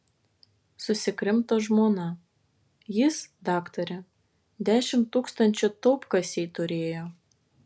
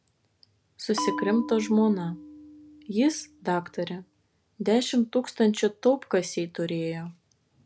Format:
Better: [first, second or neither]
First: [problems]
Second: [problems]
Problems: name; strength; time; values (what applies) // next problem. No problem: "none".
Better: first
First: none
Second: background sound (Bell); 10 dB below the speech